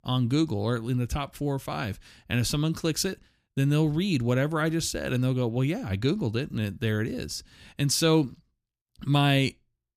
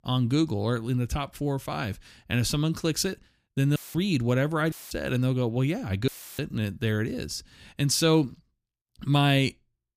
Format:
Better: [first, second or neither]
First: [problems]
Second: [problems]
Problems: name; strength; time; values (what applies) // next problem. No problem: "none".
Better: first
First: none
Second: audio cutting out; filled with static; at 4 s, at 4.5 s and at 6 s